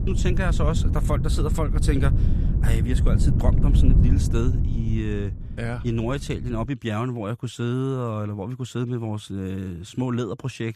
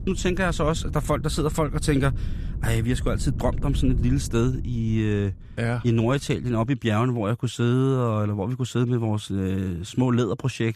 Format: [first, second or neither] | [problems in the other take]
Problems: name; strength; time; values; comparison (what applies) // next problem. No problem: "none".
second | wind noise on the microphone; heavy; until 6.5 s; 5 dB below the speech; occasional gusts in the second